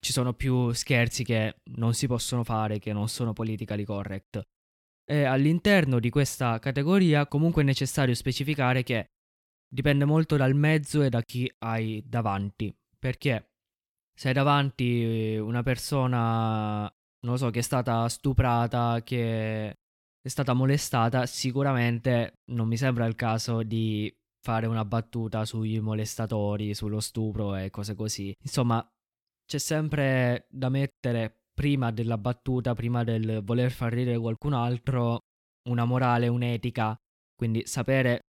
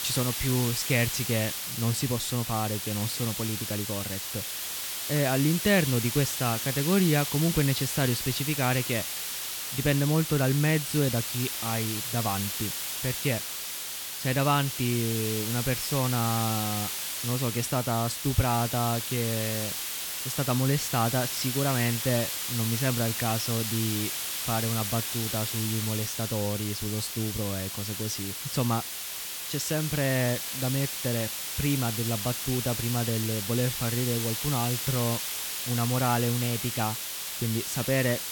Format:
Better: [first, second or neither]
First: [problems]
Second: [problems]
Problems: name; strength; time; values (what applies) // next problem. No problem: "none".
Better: first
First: none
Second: hiss; loud; throughout; 2 dB below the speech